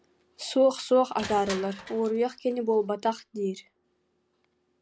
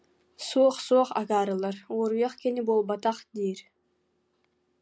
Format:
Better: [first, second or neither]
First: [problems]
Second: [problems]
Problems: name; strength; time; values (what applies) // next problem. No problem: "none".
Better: second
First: background sound (Crushing); 17 dB below the speech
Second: none